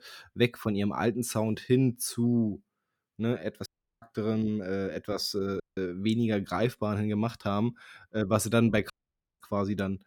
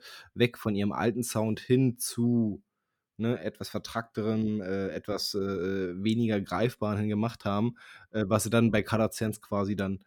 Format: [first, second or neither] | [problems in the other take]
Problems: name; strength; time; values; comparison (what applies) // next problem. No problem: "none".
second | audio cutting out; at 3.5 s, at 5.5 s and at 9 s for 0.5 s